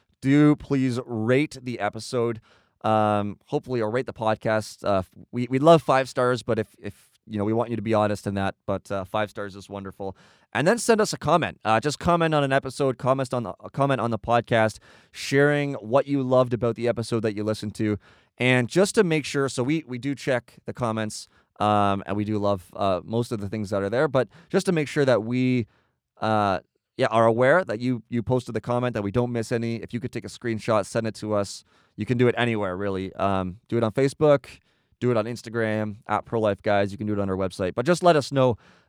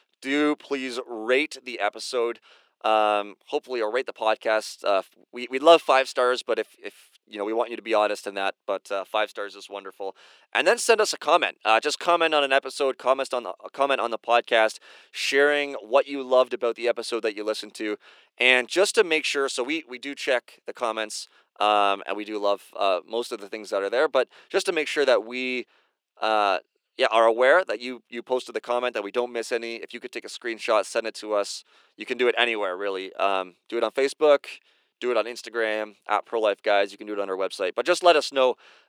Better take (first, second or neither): first